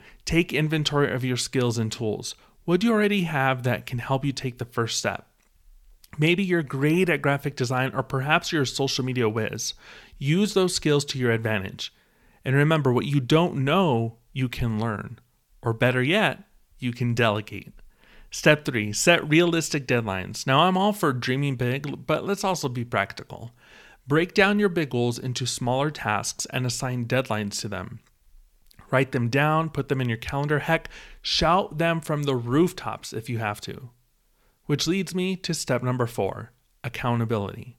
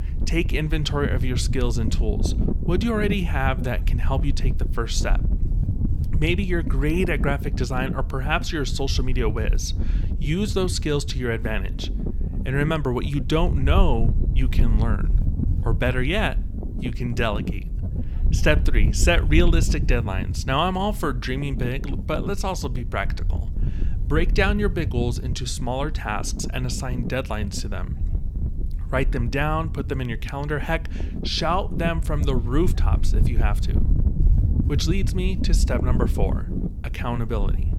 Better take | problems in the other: first | wind noise on the microphone; occasional gusts; 10 dB below the speech

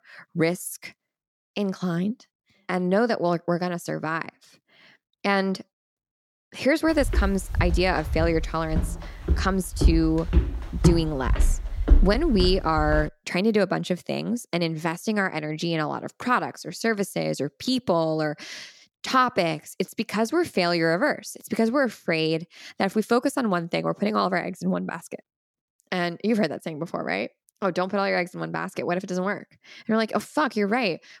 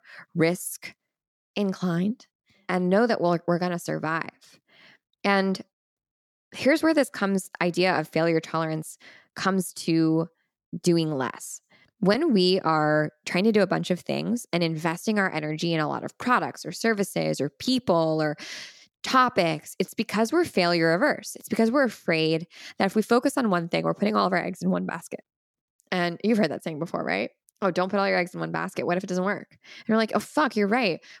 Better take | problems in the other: second | footsteps; loud; from 7 to 13 s; peak 3 dB above the speech

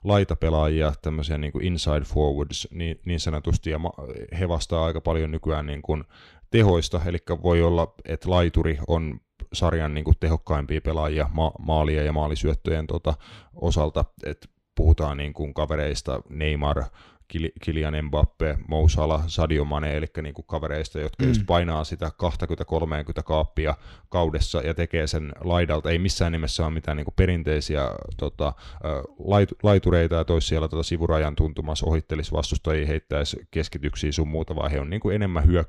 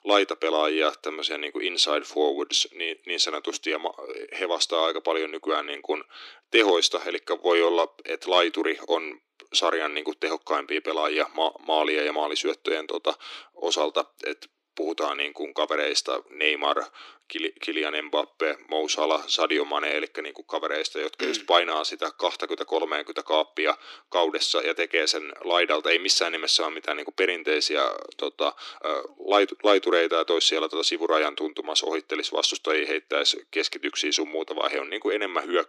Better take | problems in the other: first | thin; very; fading below 300 Hz

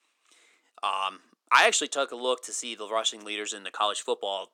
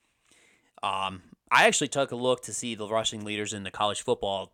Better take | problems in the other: second | thin; somewhat; fading below 300 Hz

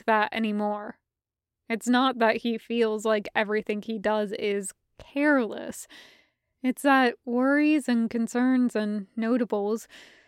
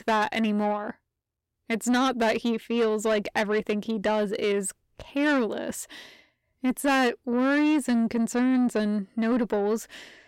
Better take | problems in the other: first | distortion; slight; 10 dB below the speech

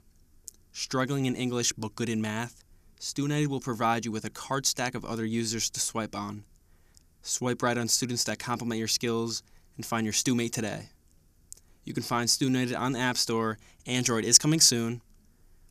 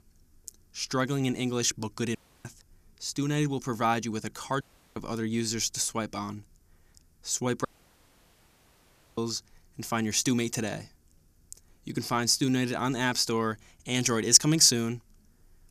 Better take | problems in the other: first | audio cutting out; at 2 s, at 4.5 s and at 7.5 s for 1.5 s

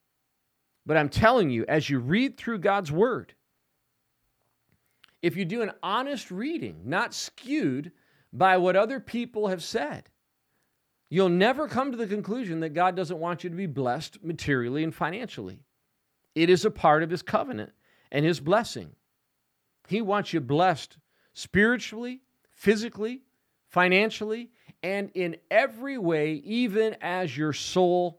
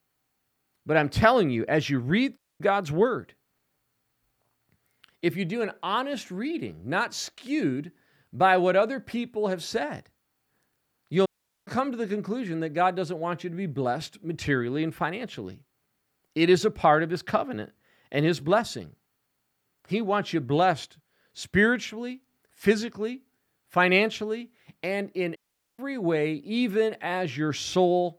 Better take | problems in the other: first | audio cutting out; at 2.5 s, at 11 s and at 25 s

